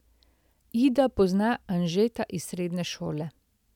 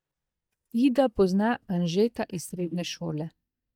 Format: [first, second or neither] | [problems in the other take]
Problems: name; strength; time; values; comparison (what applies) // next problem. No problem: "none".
first | noise reduction (neural mask model DeepFilterNet 3)